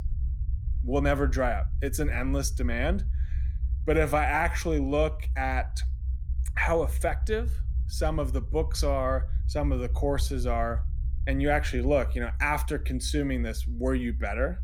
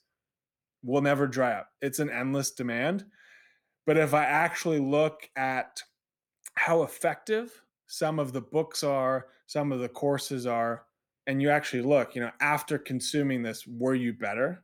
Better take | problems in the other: second | low rumble; faint; throughout; 20 dB below the speech

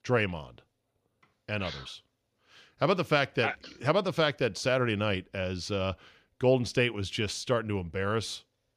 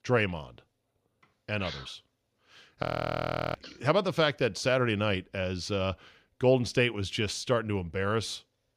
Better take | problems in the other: first | audio freezing; at 3 s for 0.5 s

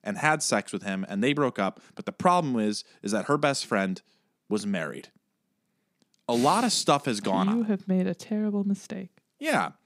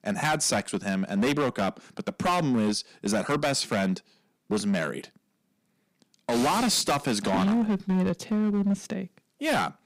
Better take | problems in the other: first | distortion; heavy; 11% of the sound clipped

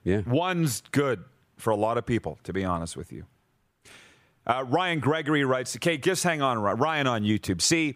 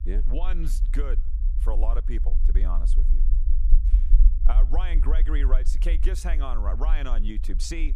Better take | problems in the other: first | low rumble; noticeable; throughout; 10 dB below the speech

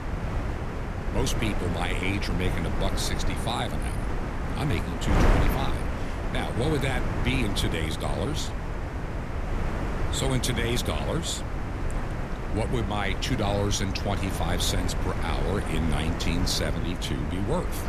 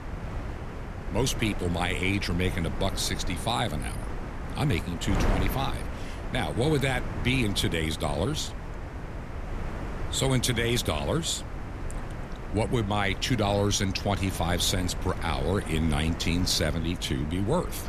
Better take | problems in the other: second | wind noise on the microphone; heavy; 3 dB below the speech; occasional gusts in the second

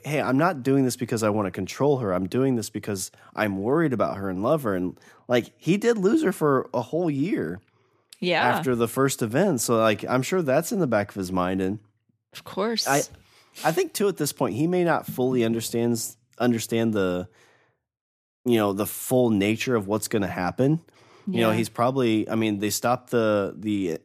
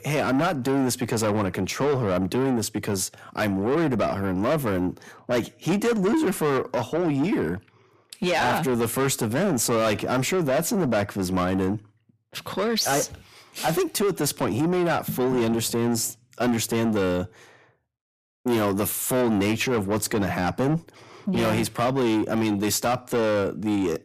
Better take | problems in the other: first | distortion; heavy; 8 dB below the speech

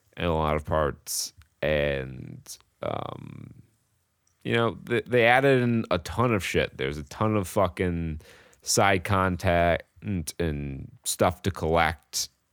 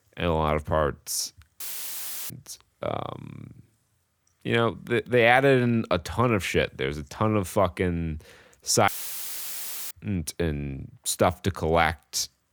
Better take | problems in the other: first | audio cutting out; filled with static; at 1.5 s for 0.5 s and at 9 s for 1 s

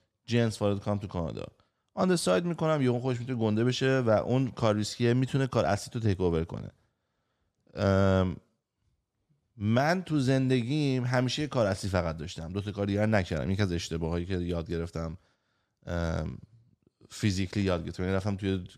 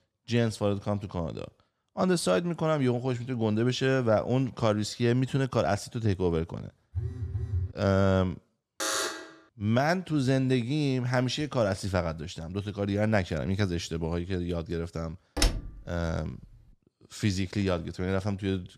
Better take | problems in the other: first | phone ringing; noticeable; at 7 s; peak 4 dB below the speech // alarm; noticeable; at 9 s; peak level with the speech // door banging; noticeable; at 15 s; peak level with the speech

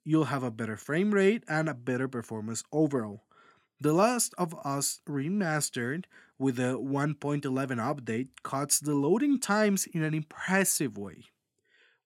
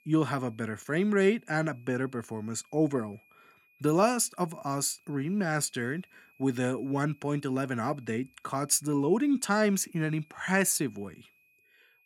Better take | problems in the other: first | high-pitched whine; faint; throughout; 2.5 kHz, 35 dB below the speech

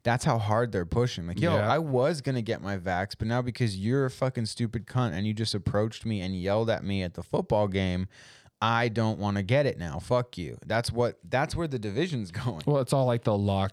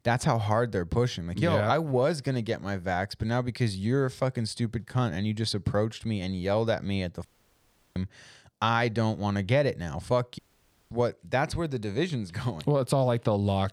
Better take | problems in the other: first | audio cutting out; at 7.5 s for 0.5 s and at 10 s for 0.5 s

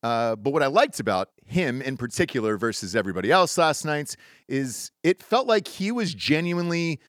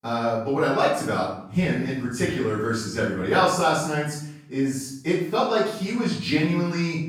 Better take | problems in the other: first | off-mic speech; far // room echo; noticeable; dies away in 0.6 s

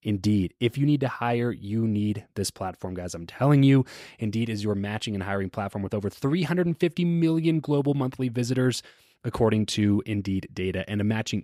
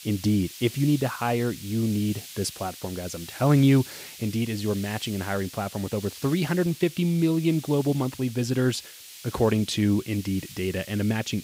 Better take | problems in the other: first | hiss; noticeable; throughout; 15 dB below the speech

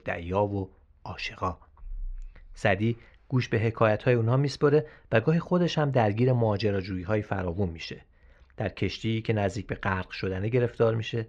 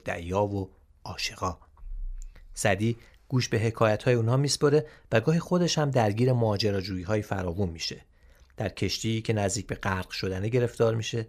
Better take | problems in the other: second | muffled; slightly; fading above 2.5 kHz

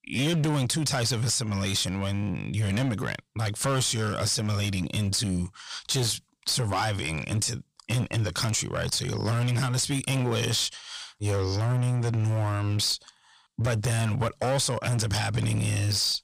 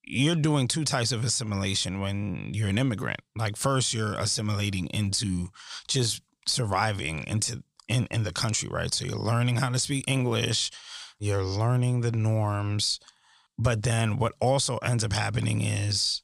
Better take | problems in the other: second | distortion; slight; 14% of the sound clipped

